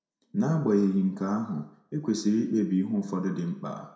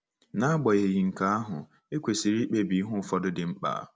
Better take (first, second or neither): second